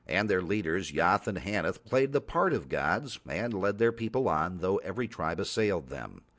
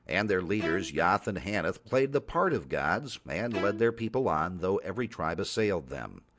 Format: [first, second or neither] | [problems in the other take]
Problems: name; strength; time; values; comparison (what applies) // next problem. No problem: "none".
first | background sound (Bowed string instrument); 12 dB below the speech